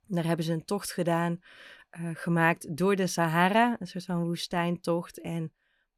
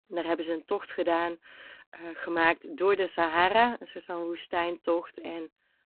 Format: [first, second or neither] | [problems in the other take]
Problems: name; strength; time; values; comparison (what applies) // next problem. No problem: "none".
first | phone-call audio; poor line; nothing above 4 kHz